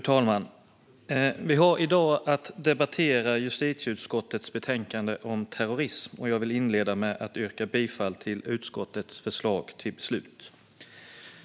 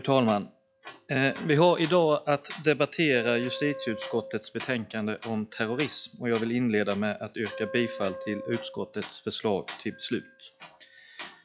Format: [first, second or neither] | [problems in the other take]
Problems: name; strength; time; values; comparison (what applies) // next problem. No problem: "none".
first | noise reduction (classical method log-MMSE)